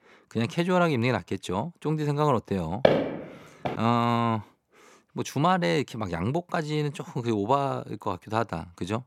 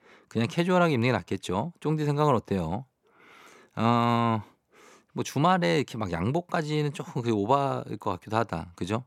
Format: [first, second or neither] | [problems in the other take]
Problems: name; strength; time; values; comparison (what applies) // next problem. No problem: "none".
second | footsteps; loud; at 3 s; peak 4 dB above the speech